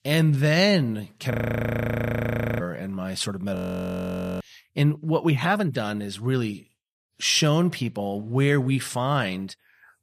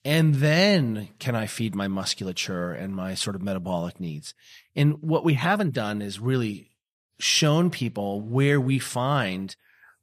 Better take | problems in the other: second | audio freezing; at 1.5 s for 1.5 s and at 3.5 s for 1 s

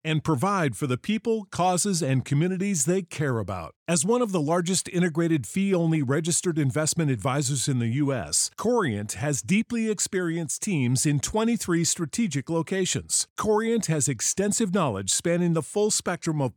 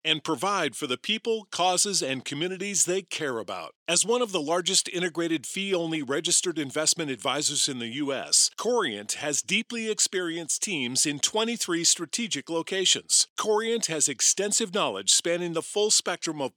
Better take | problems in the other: first | thin; somewhat; fading below 350 Hz

